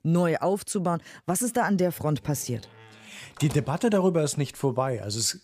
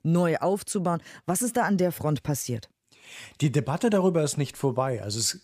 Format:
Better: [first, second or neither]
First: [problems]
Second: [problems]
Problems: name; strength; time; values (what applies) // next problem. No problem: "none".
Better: second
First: door banging; faint; from 2 to 3.5 s; peak 15 dB below the speech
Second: none